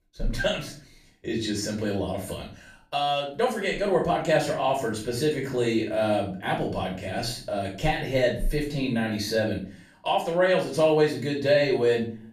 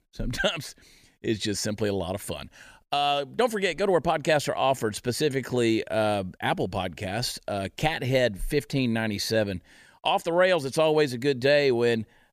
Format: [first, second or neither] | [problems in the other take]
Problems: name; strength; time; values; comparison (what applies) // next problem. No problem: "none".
second | room echo; slight; dies away in 0.4 s // off-mic speech; far